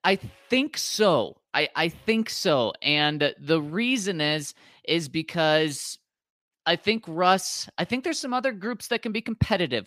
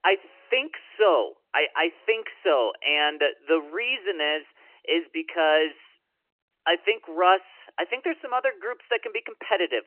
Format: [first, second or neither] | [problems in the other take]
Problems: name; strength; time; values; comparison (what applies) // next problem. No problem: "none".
first | phone-call audio; nothing above 3 kHz